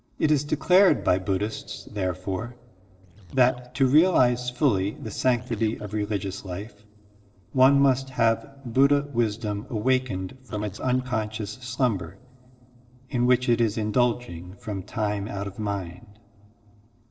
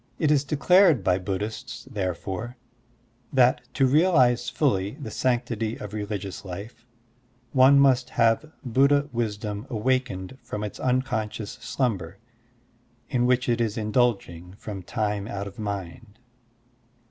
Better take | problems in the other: second | noise reduction (neural separator model SepFormer DNS4)

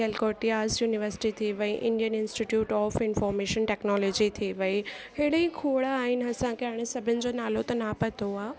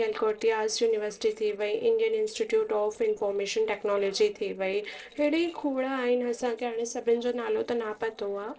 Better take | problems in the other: first | noise reduction (neural separator model SepFormer DNS4)

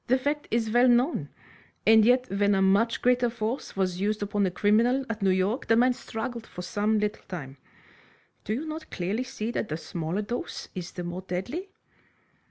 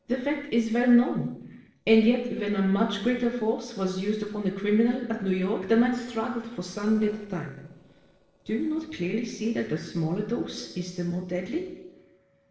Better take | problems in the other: first | noise reduction (neural separator model SepFormer DNS4)

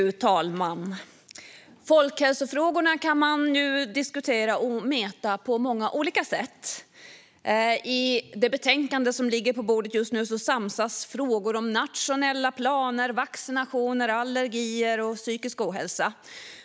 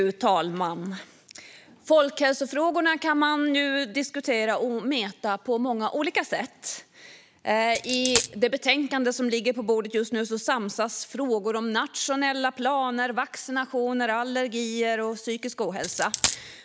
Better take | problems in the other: first | background sound (Coin (dropping)); 3 dB below the speech

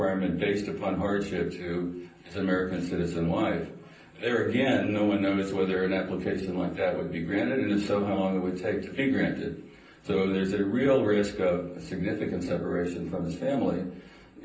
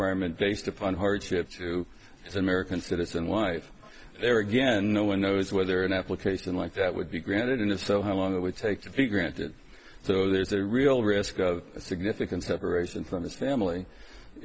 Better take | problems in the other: second | room echo; dies away in 0.6 s

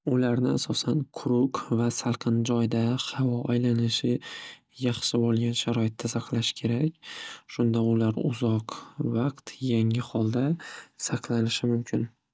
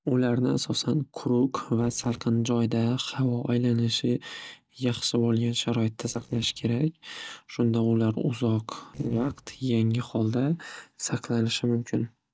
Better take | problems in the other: first | noise reduction (neural separator model SepFormer DNS4)

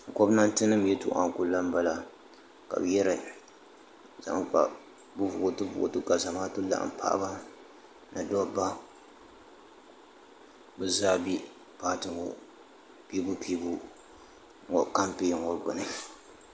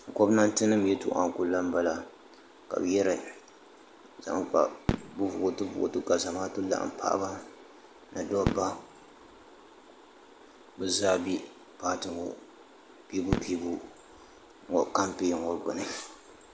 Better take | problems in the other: first | background sound (Fireworks); 9 dB below the speech

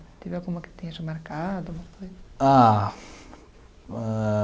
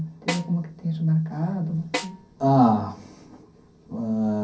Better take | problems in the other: first | background sound (Snare drum); 11 dB below the speech // room echo; dies away in 0.3 s

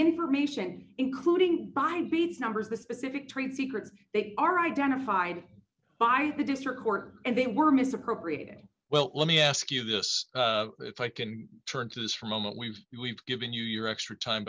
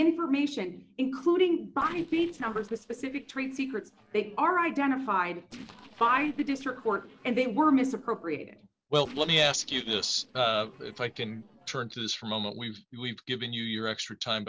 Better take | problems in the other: first | noise reduction (neural separator model SepFormer DNS4)

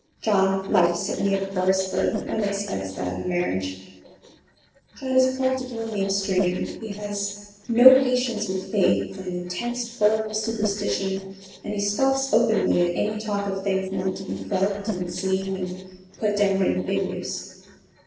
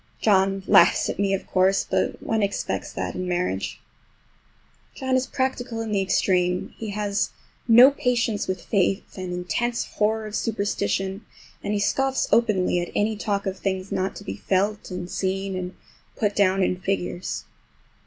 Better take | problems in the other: second | noise reduction (neural separator model SepFormer DNS4)

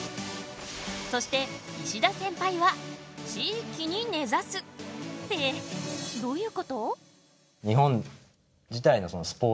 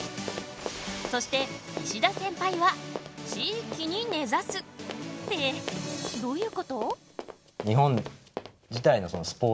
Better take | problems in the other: first | background sound (Run); 12 dB below the speech

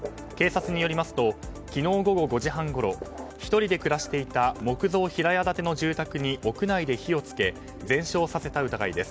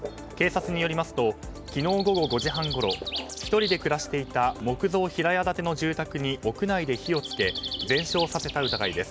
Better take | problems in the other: first | background sound (Bird); 11 dB below the speech

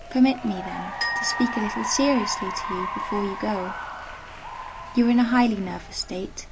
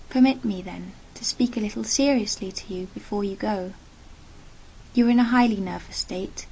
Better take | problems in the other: second | background sound (Applause / Cheering + Glockenspiel); 7 dB below the speech

